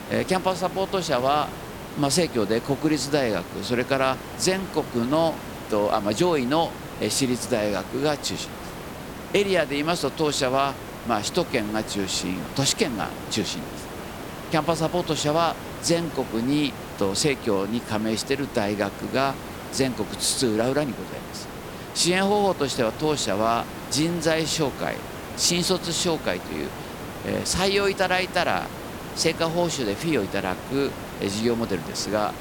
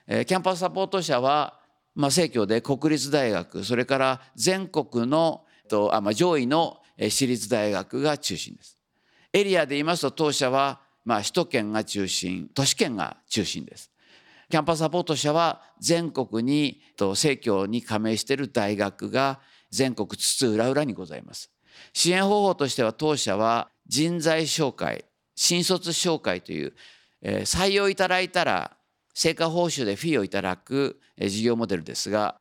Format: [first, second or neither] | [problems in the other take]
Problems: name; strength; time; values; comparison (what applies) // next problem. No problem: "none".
second | hiss; noticeable; throughout; 10 dB below the speech